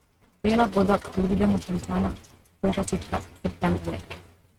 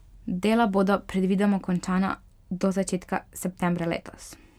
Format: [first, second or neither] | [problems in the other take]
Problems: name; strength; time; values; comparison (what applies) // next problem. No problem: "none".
second | noise reduction (neural mask model RNNoise)